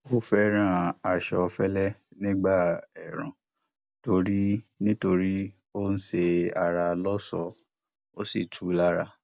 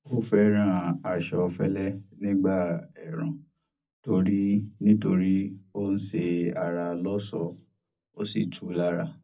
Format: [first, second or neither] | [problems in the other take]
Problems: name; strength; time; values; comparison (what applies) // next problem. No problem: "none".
first | room echo; dies away in 0.4 s